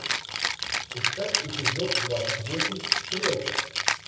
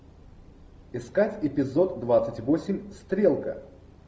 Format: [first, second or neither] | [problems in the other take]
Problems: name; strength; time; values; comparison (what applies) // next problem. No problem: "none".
second | background sound (Rattle (instrument)); 5 dB above the speech // room echo; dies away in 0.6 s